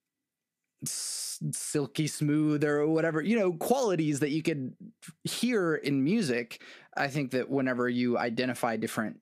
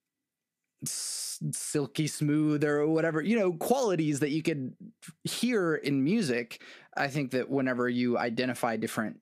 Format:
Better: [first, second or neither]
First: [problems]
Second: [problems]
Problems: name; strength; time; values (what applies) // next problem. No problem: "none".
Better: neither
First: none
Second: none